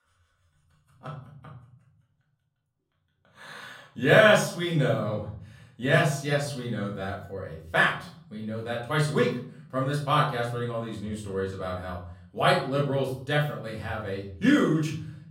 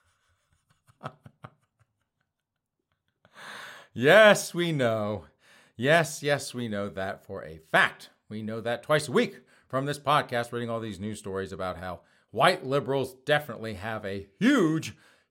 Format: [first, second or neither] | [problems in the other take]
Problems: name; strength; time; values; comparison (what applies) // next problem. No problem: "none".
second | off-mic speech; far // room echo; noticeable; dies away in 0.8 s